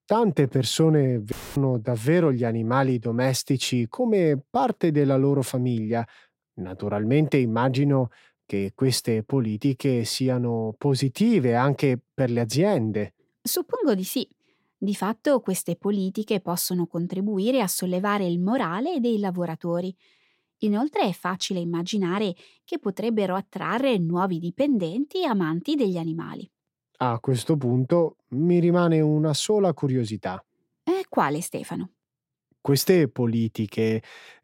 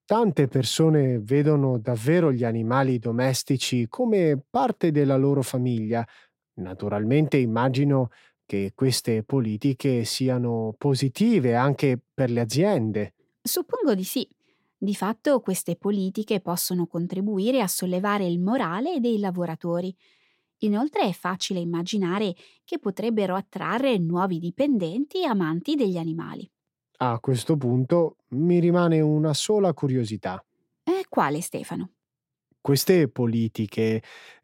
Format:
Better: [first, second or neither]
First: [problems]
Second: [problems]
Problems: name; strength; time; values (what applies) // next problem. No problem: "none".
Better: second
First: audio cutting out; filled with static; at 1.5 s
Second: none